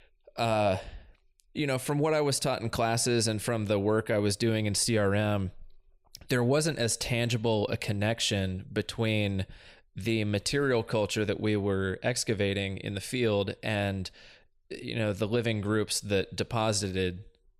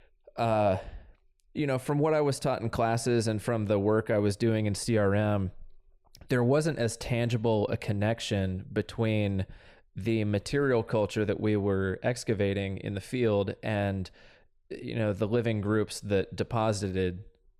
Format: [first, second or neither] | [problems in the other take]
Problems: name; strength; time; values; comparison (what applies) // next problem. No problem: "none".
first | muffled; slightly; fading above 2 kHz